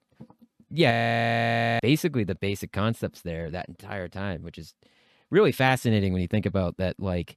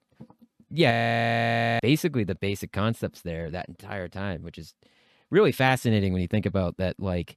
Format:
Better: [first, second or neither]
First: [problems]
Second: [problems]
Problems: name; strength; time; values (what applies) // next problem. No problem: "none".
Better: neither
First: audio freezing; at 1 s for 1 s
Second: audio freezing; at 1 s for 1 s